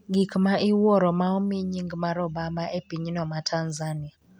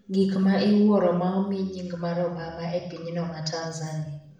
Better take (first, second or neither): first